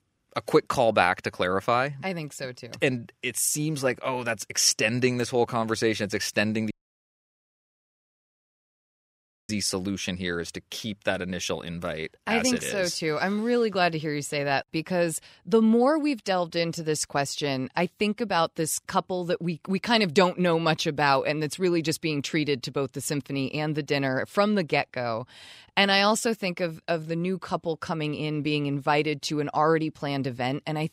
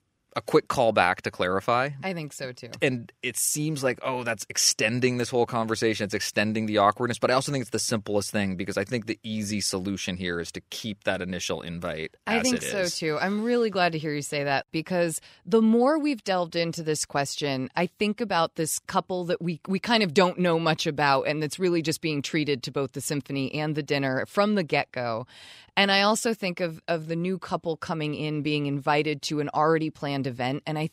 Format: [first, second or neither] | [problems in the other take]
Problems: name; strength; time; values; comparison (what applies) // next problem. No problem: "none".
second | audio cutting out; at 6.5 s for 3 s